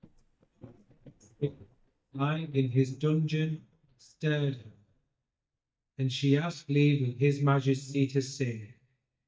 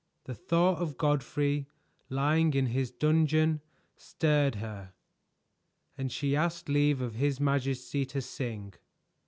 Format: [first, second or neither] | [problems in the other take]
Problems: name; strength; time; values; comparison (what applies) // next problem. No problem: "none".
second | noise reduction (neural mask model DeepFilterNet 3)